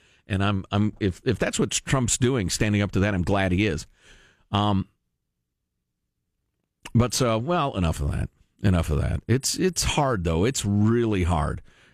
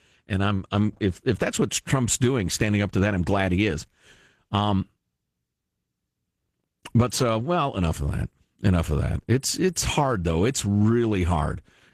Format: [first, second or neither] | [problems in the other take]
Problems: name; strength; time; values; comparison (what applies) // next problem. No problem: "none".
first | garbled, watery; slightly; nothing above 14.5 kHz